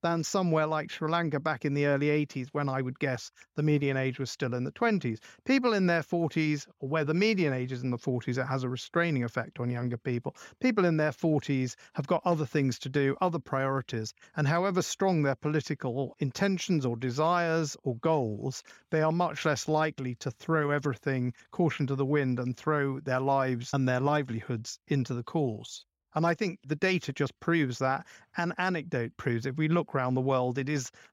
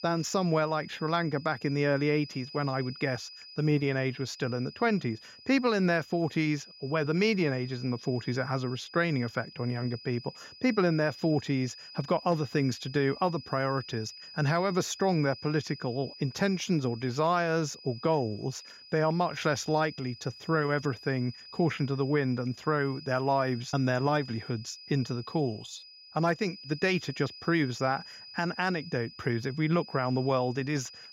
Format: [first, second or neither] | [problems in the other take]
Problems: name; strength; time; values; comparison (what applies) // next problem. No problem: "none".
first | high-pitched whine; noticeable; throughout; 5 kHz, 15 dB below the speech